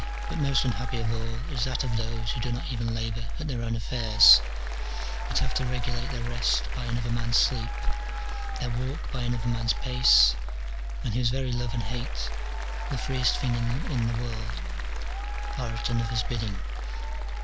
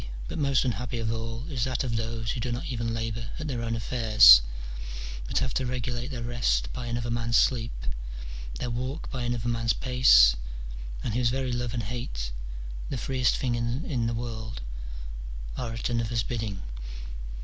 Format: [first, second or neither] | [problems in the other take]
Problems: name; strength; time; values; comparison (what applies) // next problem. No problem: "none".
second | background sound (Applause); 16 dB below the speech